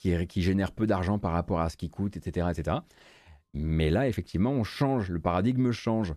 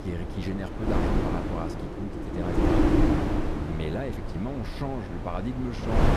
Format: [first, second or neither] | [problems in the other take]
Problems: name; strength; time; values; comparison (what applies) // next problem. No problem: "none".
first | wind noise on the microphone; heavy; 4 dB above the speech